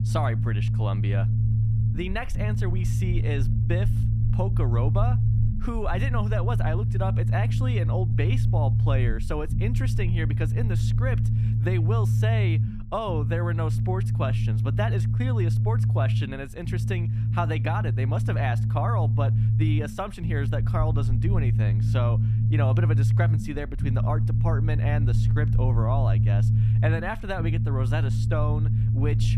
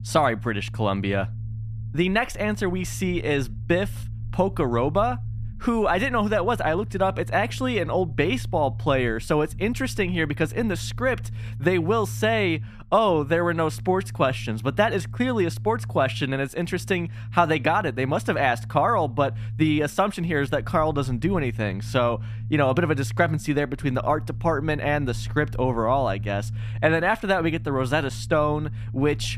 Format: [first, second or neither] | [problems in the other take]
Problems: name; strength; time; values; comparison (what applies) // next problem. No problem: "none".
second | low rumble; loud; throughout; 4 dB below the speech; faint in the second